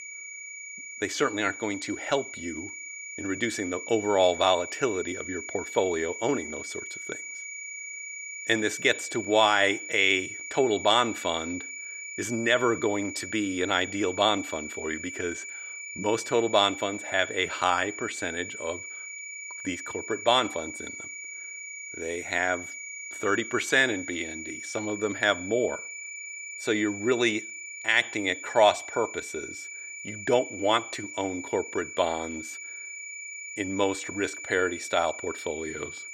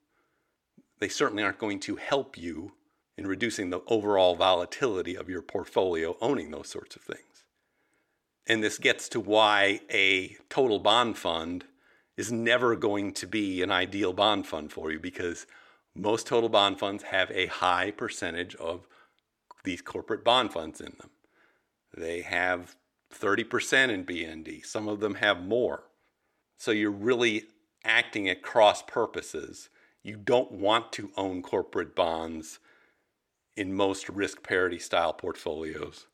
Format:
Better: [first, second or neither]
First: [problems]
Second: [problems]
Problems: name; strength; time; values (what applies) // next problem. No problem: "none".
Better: second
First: high-pitched whine; loud; throughout; 2.5 kHz, 9 dB below the speech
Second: none